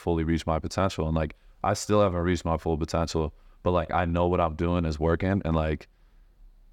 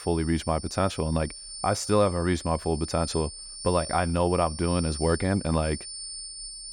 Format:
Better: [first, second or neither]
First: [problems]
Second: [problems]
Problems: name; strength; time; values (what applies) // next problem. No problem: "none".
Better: first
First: none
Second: high-pitched whine; loud; throughout; 9 kHz, 10 dB below the speech